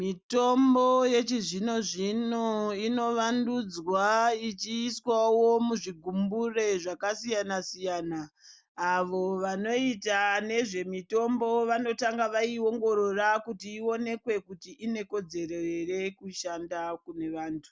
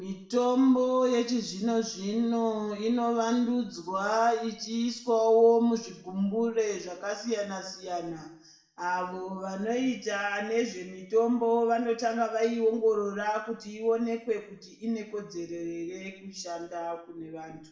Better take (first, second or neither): first